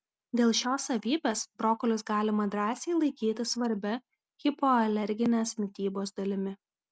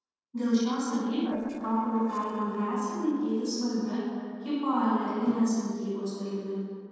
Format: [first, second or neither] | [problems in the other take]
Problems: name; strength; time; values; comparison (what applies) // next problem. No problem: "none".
first | noise reduction (neural separator model SepFormer DNS4)